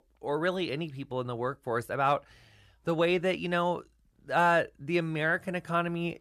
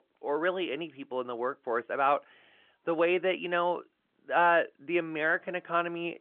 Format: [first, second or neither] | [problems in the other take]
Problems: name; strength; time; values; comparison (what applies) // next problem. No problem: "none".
first | phone-call audio